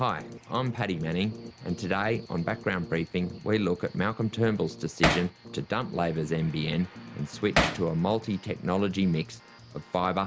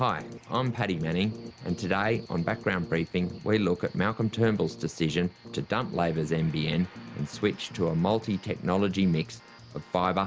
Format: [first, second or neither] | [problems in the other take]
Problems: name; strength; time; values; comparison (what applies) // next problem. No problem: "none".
second | background sound (Hammer); 3 dB above the speech